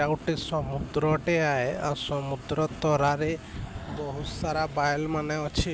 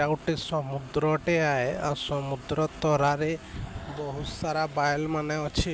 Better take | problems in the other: second | background sound (Thunder); 14 dB below the speech

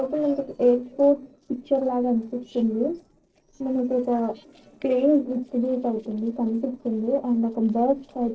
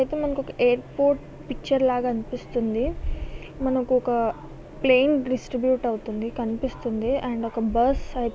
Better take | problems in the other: second | noise reduction (neural separator model SepFormer DNS4)

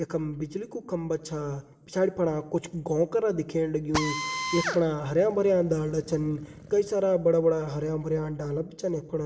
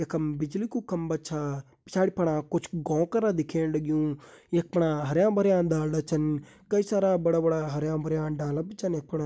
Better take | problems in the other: second | background sound (Drill); 8 dB below the speech // room echo; dies away in 1.7 s

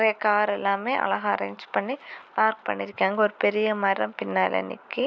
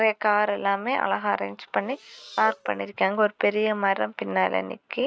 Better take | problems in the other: first | noise reduction (neural mask model RNNoise)

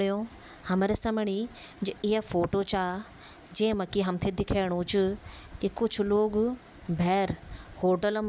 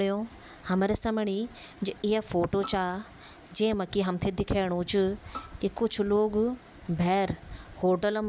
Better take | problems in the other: first | background sound (Bowed string instrument); 19 dB below the speech

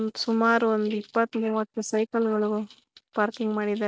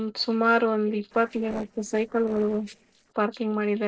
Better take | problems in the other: first | noise reduction (neural separator model SepFormer DNS4)

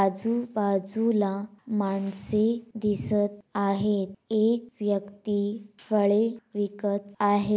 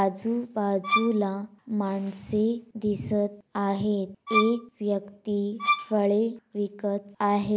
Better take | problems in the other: first | background sound (Bowed string instrument); 1 dB below the speech

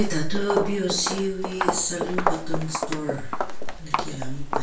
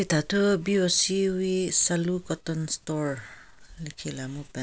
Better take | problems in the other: second | background sound (Walk, footsteps); 4 dB below the speech // room echo; dies away in 0.3 s

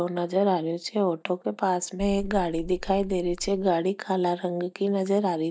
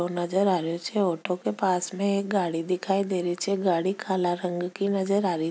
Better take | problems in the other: second | noise reduction (neural mask model DeepFilterNet 3)

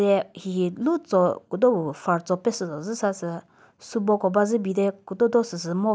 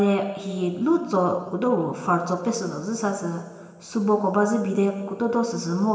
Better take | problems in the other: first | room echo; dies away in 2 s

